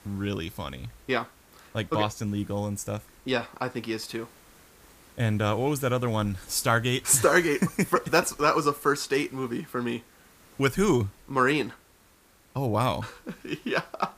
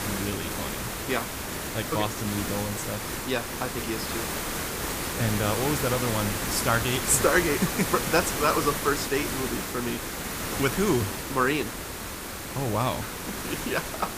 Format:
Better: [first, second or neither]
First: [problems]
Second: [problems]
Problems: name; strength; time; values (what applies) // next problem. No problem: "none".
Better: first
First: hiss; faint; throughout; 25 dB below the speech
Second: hiss; loud; throughout; 2 dB below the speech